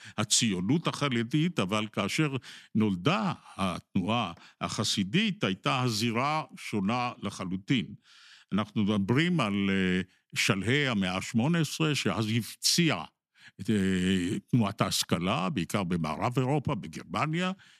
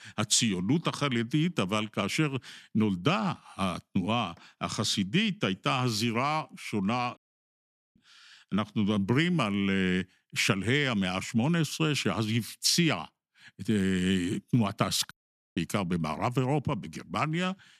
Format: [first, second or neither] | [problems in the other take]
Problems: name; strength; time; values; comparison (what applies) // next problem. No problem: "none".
first | audio cutting out; at 7 s for 1 s and at 15 s